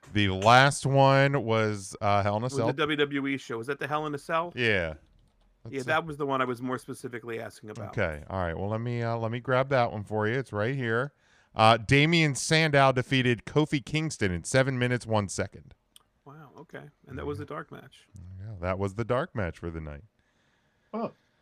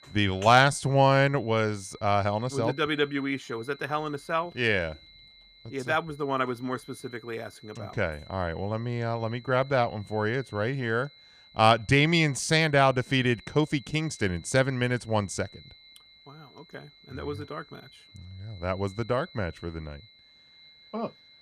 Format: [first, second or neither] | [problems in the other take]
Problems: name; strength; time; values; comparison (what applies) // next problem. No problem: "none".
first | high-pitched whine; faint; throughout; 4 kHz, 25 dB below the speech